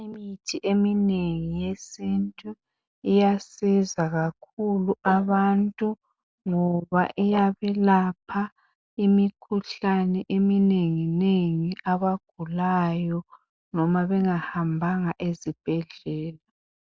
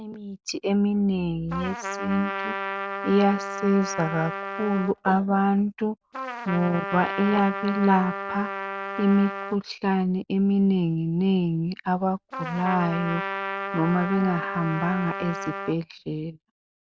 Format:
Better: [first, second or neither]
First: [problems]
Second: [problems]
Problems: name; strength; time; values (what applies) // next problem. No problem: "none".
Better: first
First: none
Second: background sound (Trumpet); 7 dB below the speech